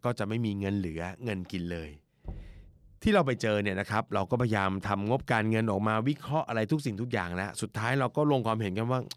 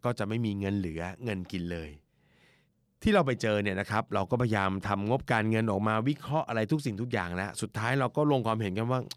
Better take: second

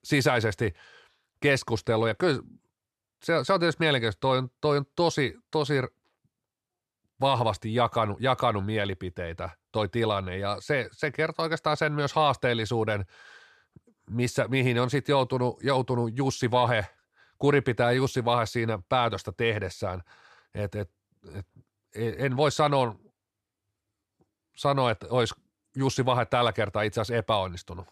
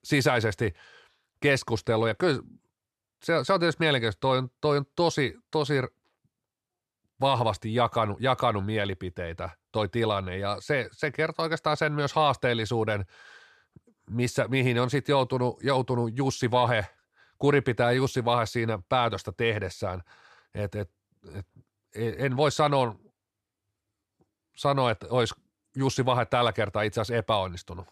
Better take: neither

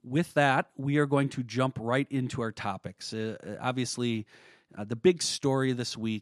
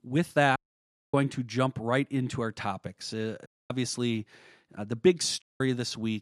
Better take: first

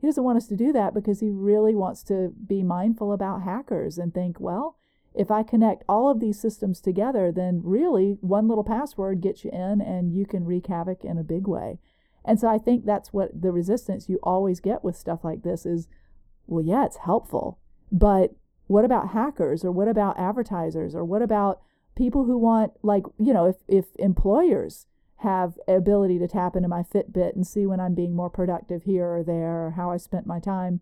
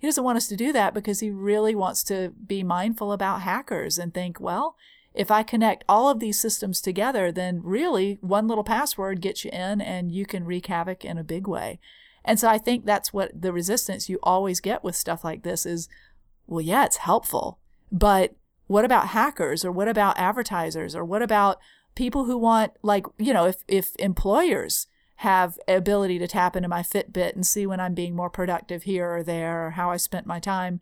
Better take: second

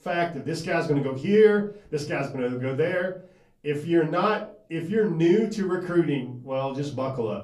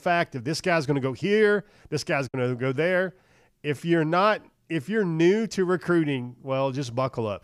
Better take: second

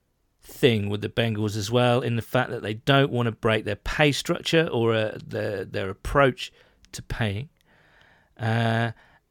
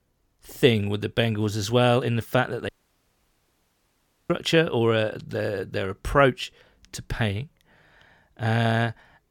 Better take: first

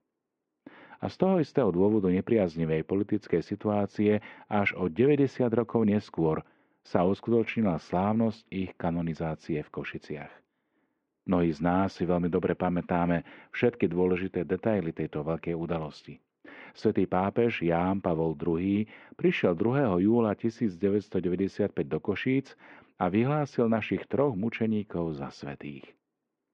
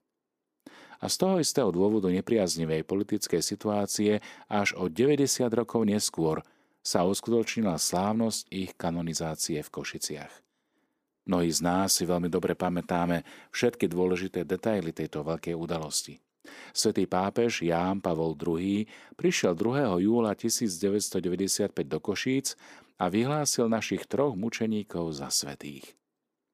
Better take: second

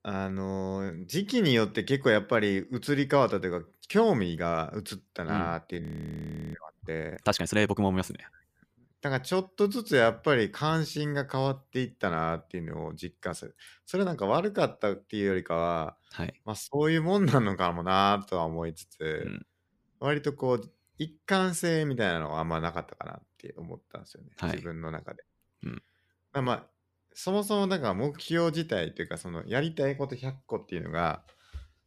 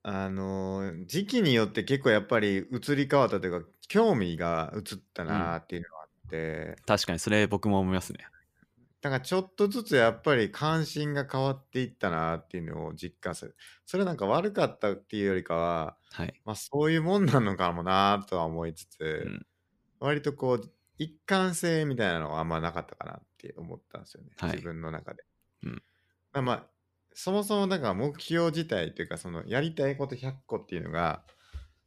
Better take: second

